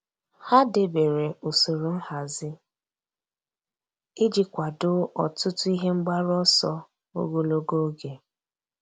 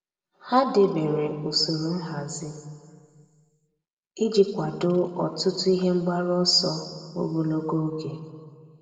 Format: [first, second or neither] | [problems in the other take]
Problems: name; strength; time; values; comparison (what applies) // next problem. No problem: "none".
first | room echo; dies away in 1.7 s